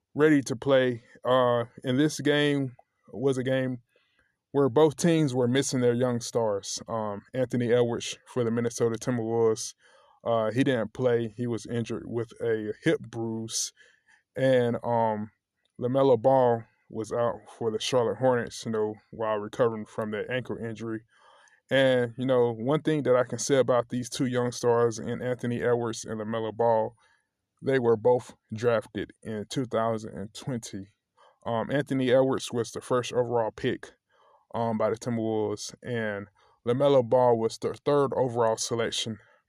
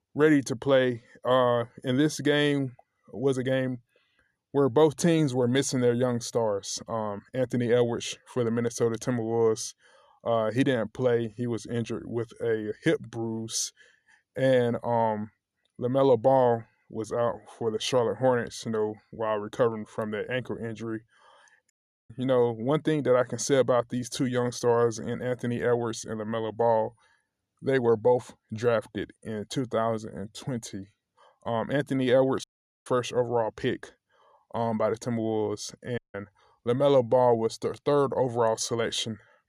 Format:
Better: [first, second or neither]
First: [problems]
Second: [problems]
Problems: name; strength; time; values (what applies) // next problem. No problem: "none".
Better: first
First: none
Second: audio cutting out; at 22 s, at 32 s and at 36 s